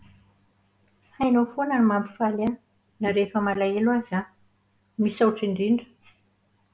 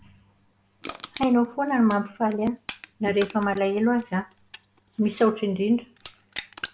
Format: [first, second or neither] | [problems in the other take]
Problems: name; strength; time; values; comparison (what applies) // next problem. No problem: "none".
first | background sound (Crushing); 18 dB below the speech